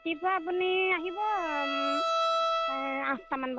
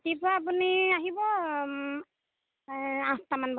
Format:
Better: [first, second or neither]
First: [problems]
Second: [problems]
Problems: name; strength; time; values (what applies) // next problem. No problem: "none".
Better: second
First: background sound (Bowed string instrument); 1 dB below the speech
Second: none